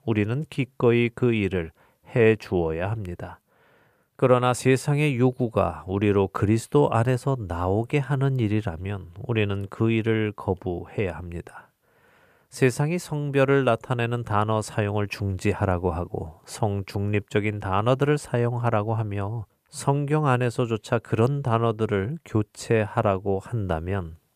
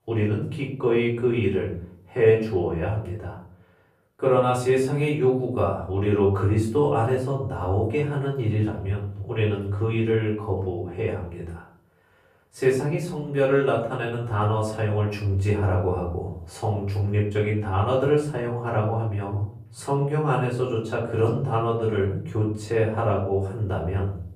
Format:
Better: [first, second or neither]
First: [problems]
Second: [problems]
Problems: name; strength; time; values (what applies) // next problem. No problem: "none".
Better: first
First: none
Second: off-mic speech; far // room echo; slight; dies away in 0.5 s